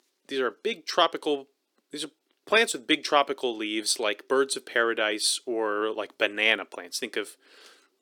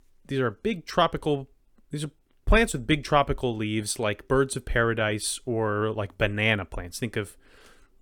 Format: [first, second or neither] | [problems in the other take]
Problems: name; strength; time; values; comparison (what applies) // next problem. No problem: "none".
second | thin; somewhat; fading below 300 Hz